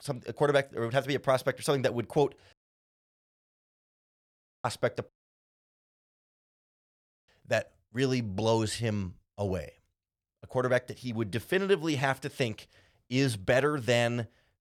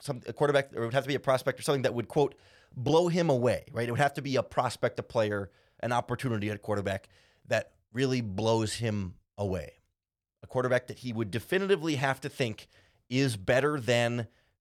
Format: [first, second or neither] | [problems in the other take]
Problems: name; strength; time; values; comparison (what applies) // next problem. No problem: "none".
second | audio cutting out; at 2.5 s for 2 s and at 5 s for 2 s